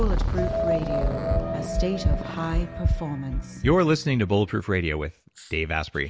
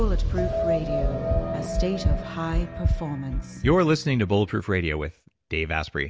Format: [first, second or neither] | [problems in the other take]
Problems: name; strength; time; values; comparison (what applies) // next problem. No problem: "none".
second | background sound (Growling); 19 dB below the speech